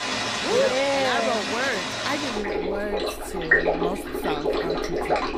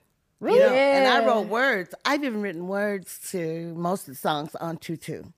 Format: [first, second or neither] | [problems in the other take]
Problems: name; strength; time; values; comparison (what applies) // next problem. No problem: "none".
second | rain or running water; very loud; throughout; 2 dB above the speech